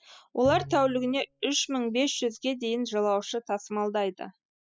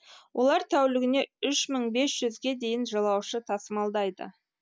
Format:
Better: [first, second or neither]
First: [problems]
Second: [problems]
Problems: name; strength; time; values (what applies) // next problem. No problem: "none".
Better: second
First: noise reduction (classical method spectral subtraction)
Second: none